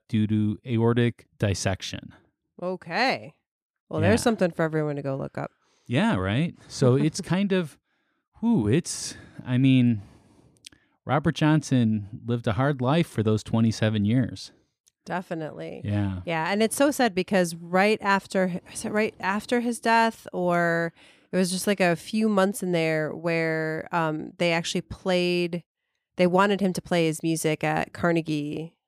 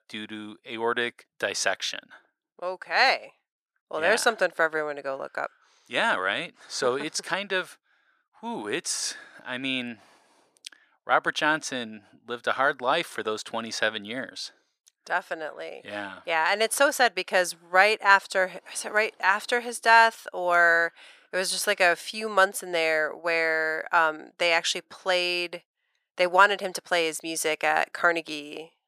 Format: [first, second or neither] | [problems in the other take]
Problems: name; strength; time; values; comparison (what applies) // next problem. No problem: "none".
first | thin; very; fading below 650 Hz